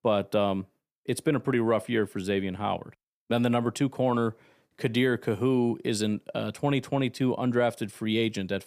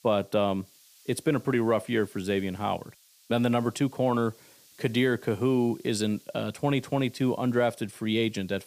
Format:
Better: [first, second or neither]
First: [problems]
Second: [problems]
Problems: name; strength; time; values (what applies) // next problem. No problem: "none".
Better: first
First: none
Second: hiss; faint; throughout; 25 dB below the speech